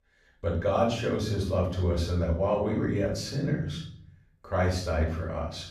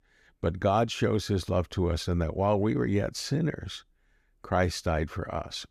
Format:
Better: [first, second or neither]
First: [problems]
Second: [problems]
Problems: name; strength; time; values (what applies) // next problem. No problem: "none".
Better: second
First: room echo; noticeable; dies away in 0.6 s // off-mic speech; far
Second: none